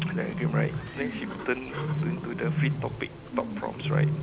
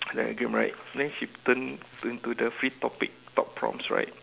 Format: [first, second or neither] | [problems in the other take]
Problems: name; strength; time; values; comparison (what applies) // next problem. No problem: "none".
second | background sound (Bird); 4 dB above the speech